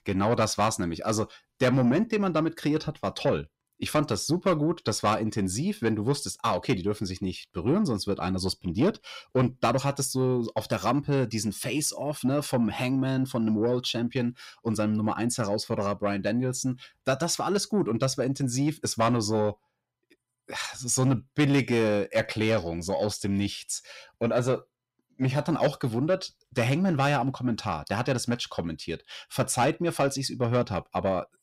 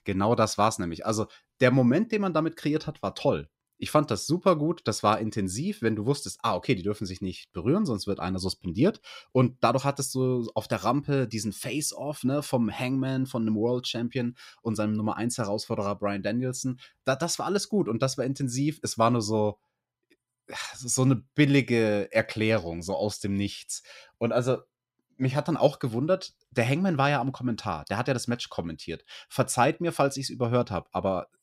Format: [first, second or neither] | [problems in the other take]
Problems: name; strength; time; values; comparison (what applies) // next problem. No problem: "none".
second | distortion; slight; 10 dB below the speech